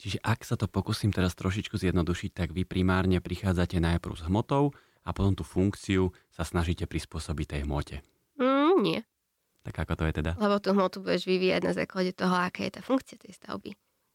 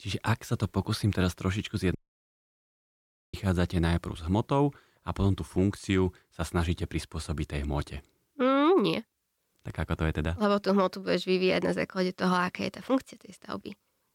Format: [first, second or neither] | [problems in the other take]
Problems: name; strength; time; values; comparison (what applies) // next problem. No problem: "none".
first | audio cutting out; at 2 s for 1.5 s